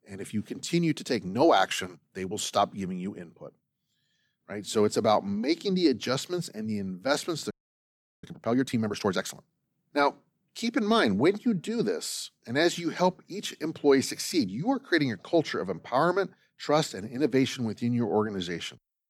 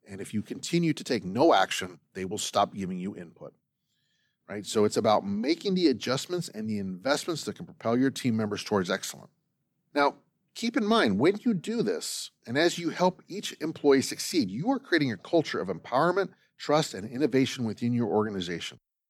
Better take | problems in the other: second | audio freezing; at 7.5 s for 0.5 s

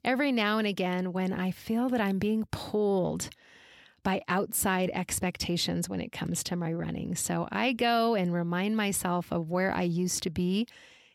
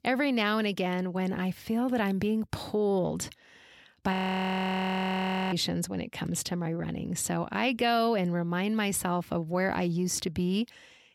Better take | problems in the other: first | audio freezing; at 4 s for 1.5 s

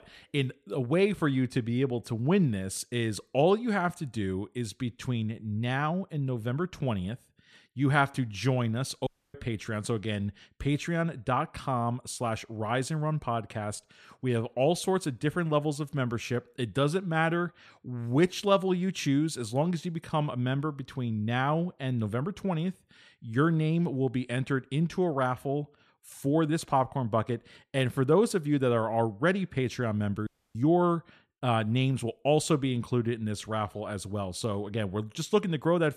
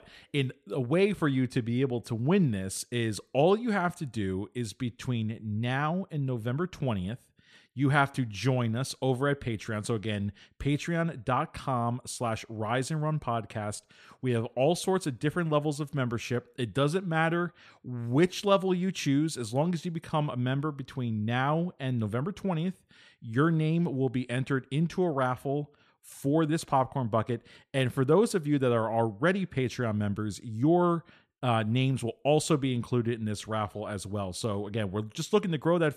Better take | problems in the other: second | audio cutting out; at 9 s and at 30 s

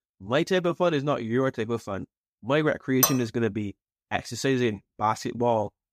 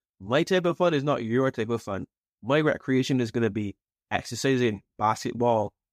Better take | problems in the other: second | clattering dishes; loud; at 3 s; peak 3 dB above the speech

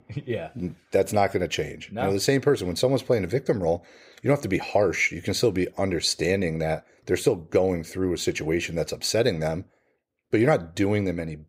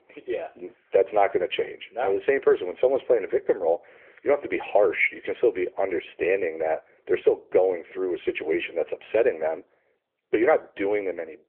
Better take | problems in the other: first | phone-call audio

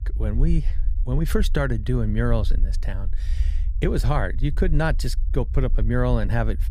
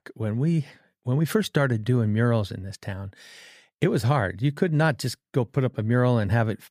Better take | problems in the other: second | low rumble; faint; throughout; 20 dB below the speech

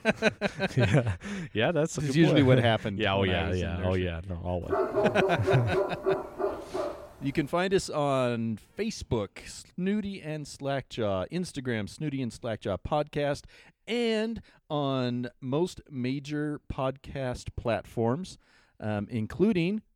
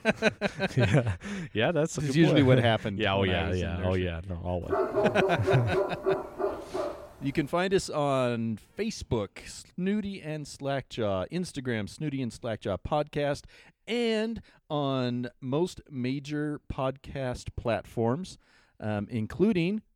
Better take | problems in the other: neither | dog barking; loud; from 4.5 to 7 s; peak 2 dB above the speech; the same in both

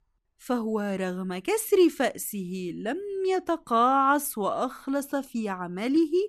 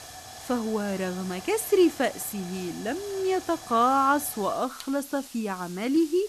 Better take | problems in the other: first | hiss; noticeable; throughout; 15 dB below the speech

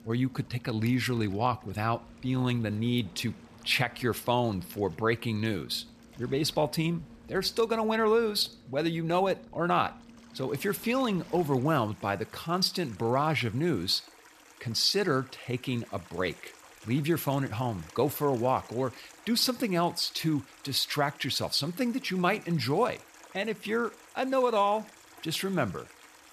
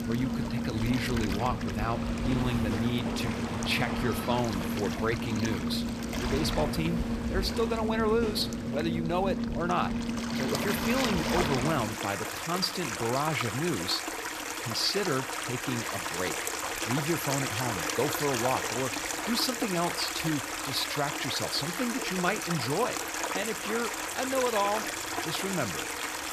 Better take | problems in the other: first | rain or running water; loud; throughout; as loud as the speech; faint in the first

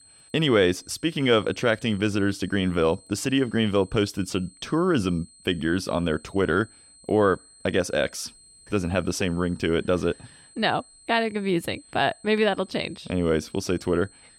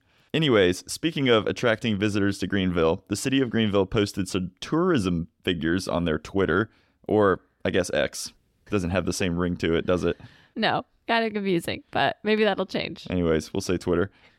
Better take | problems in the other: second | high-pitched whine; faint; throughout; 8 kHz, 25 dB below the speech

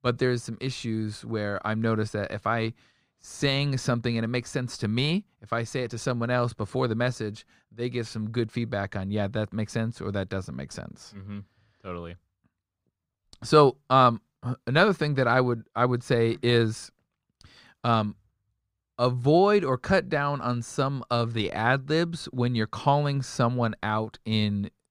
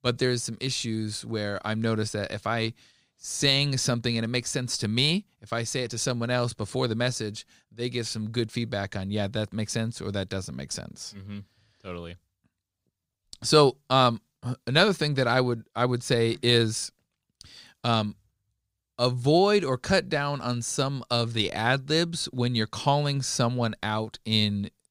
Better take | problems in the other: second | muffled; slightly; fading above 3 kHz

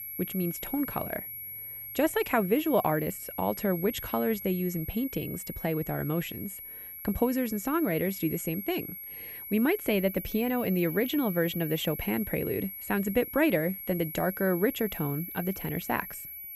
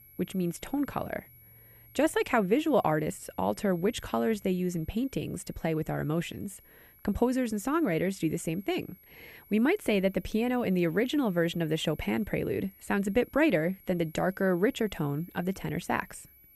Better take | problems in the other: second | high-pitched whine; loud; throughout; 11.5 kHz, 8 dB below the speech; faint in the second

